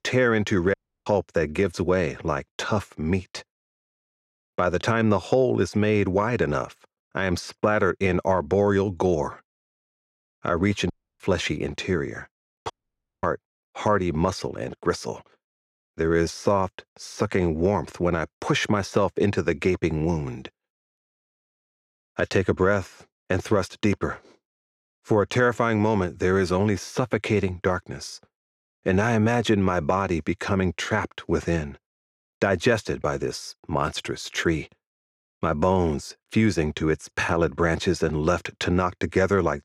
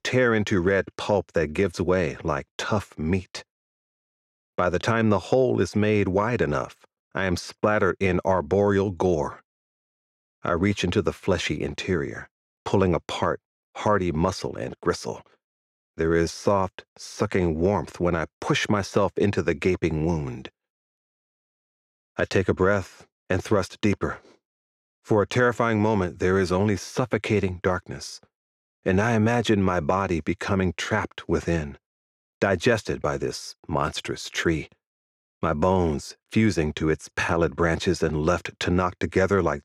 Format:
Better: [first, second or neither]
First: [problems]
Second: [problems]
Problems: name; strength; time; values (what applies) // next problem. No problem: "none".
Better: second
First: audio cutting out; at 0.5 s, at 11 s and at 13 s for 0.5 s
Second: none